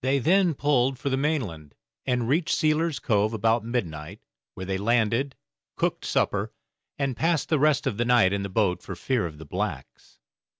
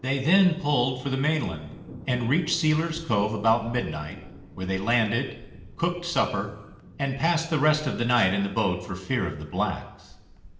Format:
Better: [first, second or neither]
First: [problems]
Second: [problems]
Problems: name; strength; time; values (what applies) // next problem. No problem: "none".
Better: first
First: none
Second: background sound (Thunder); 18 dB below the speech // room echo; dies away in 0.9 s